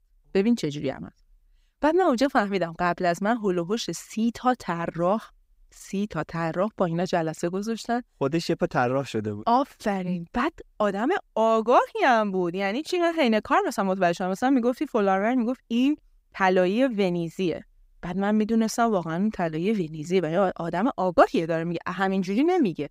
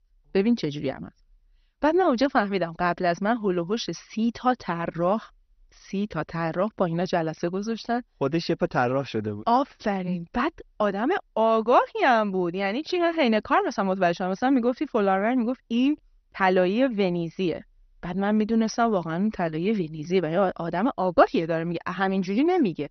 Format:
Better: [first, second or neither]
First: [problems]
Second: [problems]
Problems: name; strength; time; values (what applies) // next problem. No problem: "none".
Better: first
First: none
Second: garbled, watery; slightly; nothing above 6 kHz